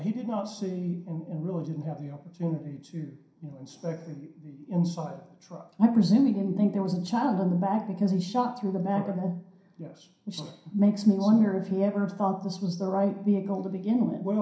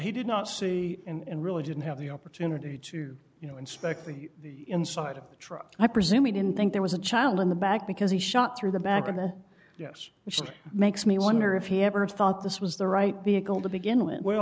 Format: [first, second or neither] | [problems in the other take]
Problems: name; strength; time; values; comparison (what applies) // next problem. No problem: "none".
second | room echo; dies away in 0.5 s